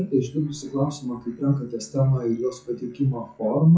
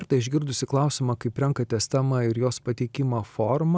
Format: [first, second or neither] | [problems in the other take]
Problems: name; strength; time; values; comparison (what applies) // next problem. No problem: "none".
second | noise reduction (classical method WPE with log-MMSE)